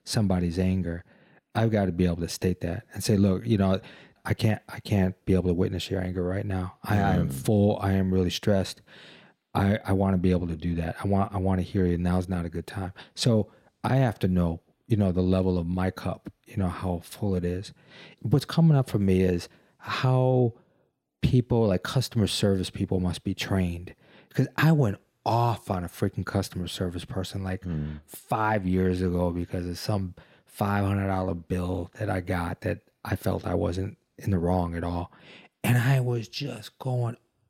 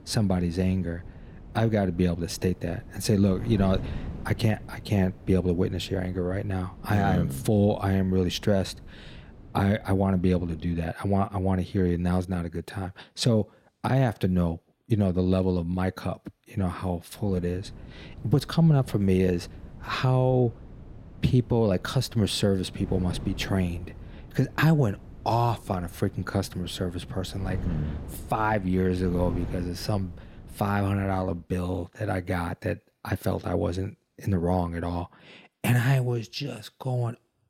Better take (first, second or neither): first